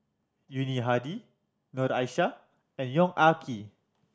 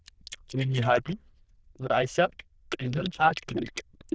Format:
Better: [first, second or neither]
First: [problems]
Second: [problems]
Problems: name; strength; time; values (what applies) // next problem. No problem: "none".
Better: first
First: none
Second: noise reduction (neural diffusion model UNIVERSE++)